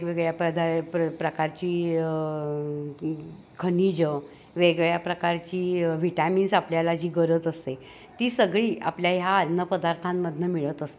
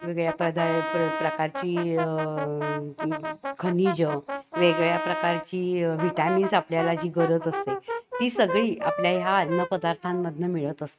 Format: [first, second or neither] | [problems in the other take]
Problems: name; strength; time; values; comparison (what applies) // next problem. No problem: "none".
first | noise reduction (neural mask model RNNoise)